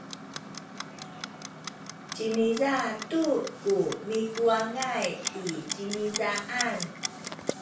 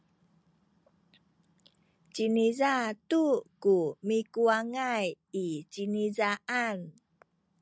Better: second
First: background sound (Clock); 8 dB below the speech // room echo; dies away in 0.4 s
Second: none

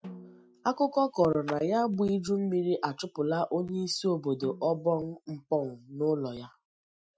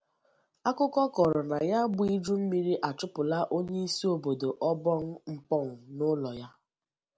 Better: second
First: noise reduction (classical method Wiener filter)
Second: none

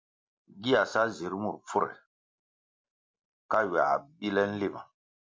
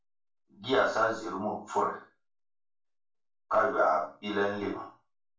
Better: first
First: none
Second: room echo; dies away in 0.3 s

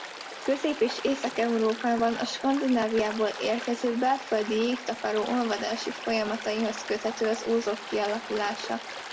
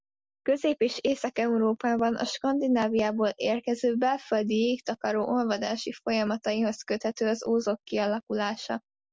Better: second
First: background sound (Stream); 11 dB below the speech // room echo; dies away in 0.3 s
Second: none

